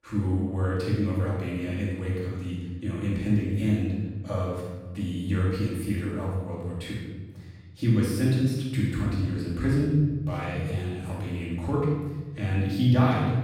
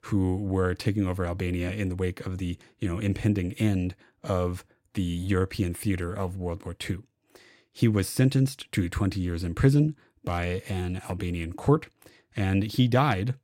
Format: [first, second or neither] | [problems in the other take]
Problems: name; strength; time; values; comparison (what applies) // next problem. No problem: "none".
second | off-mic speech; far // room echo; strong; dies away in 1.3 s